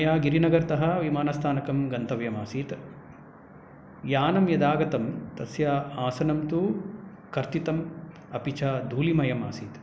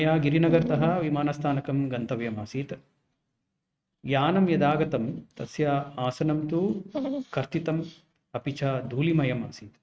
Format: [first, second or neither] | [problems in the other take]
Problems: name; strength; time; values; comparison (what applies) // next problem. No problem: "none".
first | noise reduction (neural mask model RNNoise)